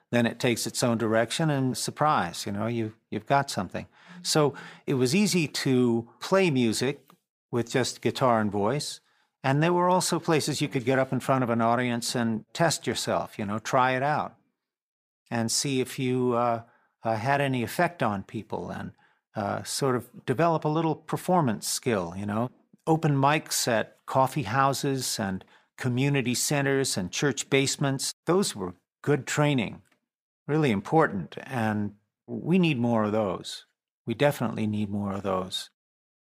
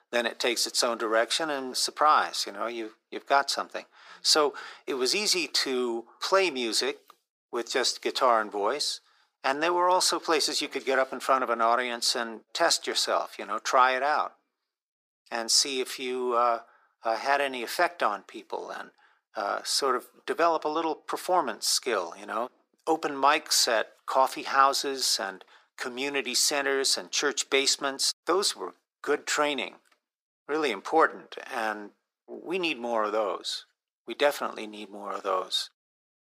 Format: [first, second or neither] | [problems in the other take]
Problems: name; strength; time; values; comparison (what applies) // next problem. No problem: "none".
first | thin; very; fading below 350 Hz